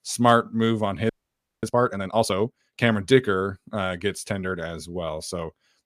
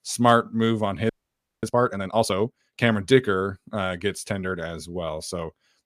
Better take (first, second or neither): neither